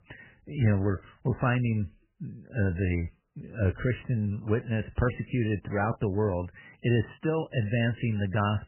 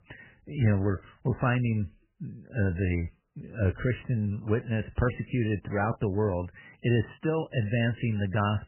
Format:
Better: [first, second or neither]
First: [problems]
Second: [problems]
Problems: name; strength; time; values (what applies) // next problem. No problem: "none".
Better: neither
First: garbled, watery; badly; nothing above 3 kHz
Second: garbled, watery; badly; nothing above 3 kHz